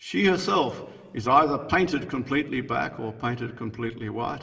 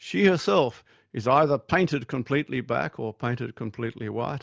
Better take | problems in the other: second | room echo; dies away in 2 s

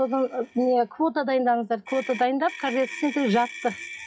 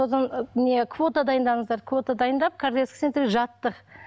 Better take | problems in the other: second | noise reduction (classical method WPE with log-MMSE)

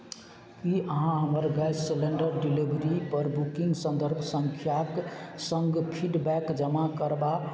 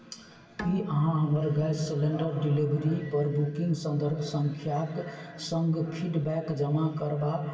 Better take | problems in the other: first | background sound (Bowed string instrument); 15 dB below the speech // room echo; dies away in 0.2 s

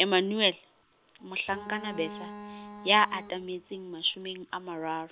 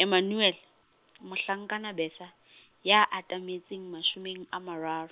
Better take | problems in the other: second | background sound (Bowed string instrument); 12 dB below the speech

